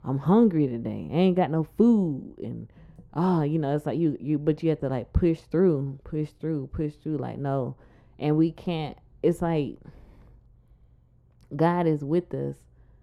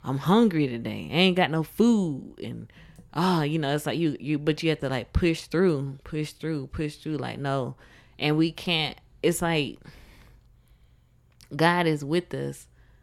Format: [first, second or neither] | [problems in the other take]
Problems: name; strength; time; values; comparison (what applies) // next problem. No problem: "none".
second | muffled; slightly; fading above 1.5 kHz